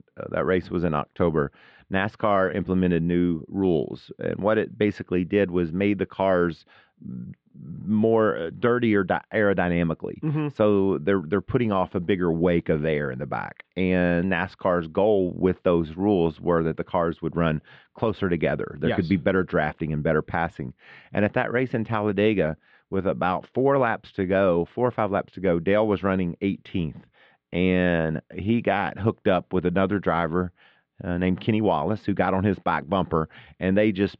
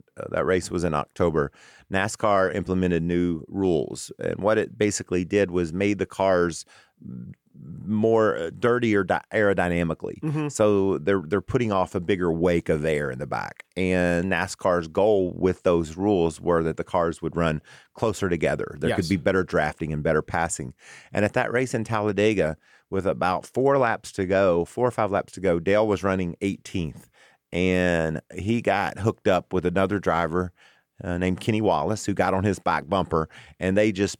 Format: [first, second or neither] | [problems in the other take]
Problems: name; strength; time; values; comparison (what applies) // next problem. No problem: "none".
second | muffled; very; fading above 4 kHz